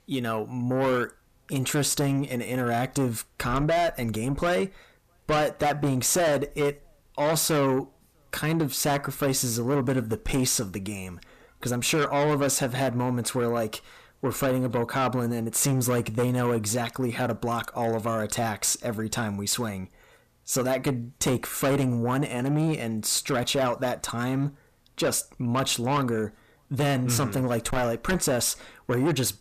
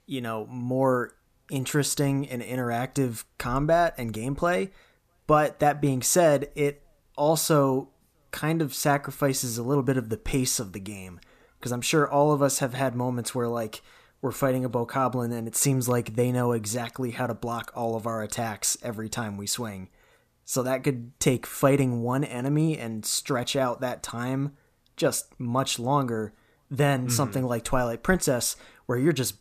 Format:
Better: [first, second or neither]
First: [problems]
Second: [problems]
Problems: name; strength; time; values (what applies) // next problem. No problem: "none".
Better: second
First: distortion; heavy; 7 dB below the speech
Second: none